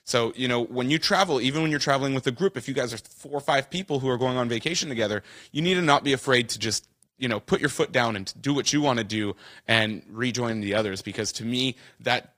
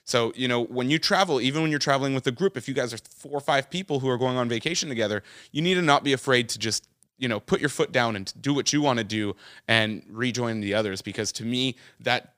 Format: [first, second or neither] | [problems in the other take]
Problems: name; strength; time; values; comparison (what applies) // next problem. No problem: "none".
second | garbled, watery; slightly; nothing above 15 kHz